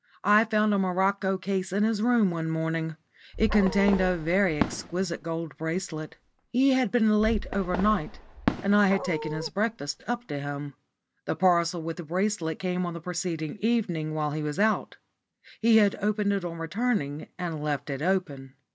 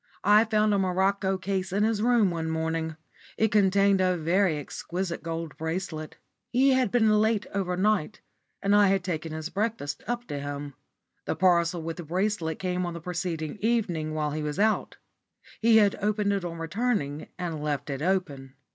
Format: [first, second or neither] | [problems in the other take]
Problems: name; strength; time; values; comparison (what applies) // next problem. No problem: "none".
second | background sound (Dog + Fireworks); 8 dB below the speech